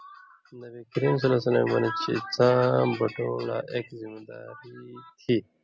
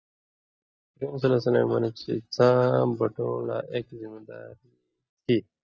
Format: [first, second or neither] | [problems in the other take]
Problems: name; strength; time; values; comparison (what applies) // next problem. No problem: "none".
first | noise reduction (neural mask model DeepFilterNet 3)